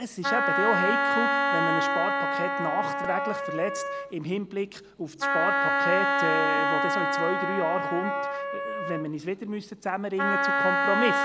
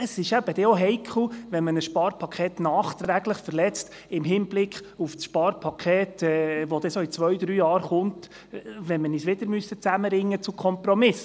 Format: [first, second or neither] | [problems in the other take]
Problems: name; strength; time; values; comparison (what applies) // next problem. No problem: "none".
second | background sound (Wind instrument, woodwind instrument); 4 dB above the speech